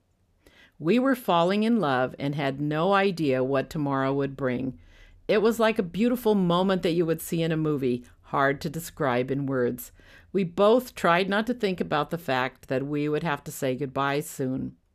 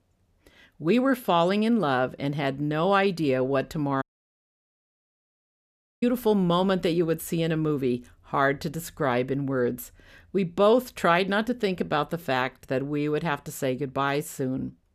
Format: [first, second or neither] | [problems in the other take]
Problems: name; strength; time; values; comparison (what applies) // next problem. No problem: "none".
first | audio cutting out; at 4 s for 2 s